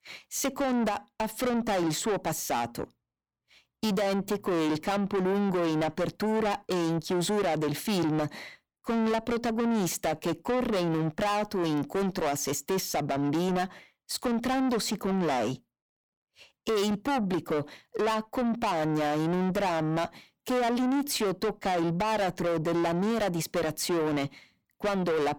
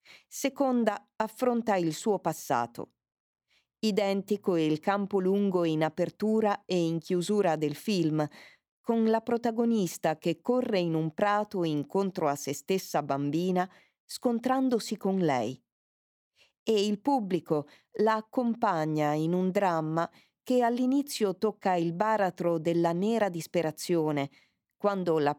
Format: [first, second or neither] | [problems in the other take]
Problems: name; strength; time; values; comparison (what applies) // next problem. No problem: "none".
second | distortion; heavy; 6 dB below the speech